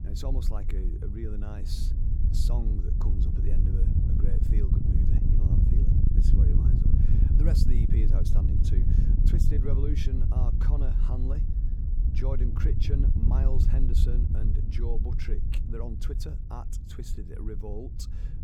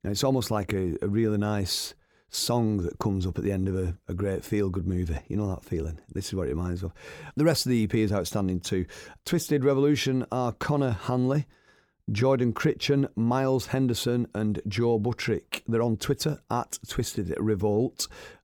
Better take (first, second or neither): second